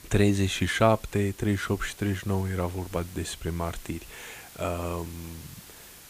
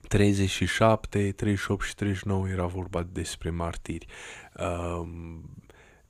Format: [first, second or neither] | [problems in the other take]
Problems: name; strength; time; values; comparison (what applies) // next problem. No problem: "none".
second | hiss; noticeable; throughout; 20 dB below the speech